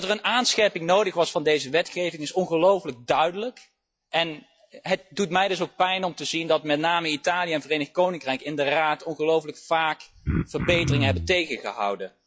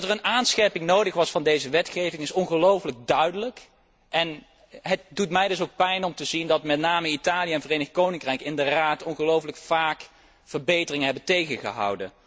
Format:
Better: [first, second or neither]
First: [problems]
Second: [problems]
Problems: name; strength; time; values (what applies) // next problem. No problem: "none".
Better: second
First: noise reduction (classical method log-MMSE)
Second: none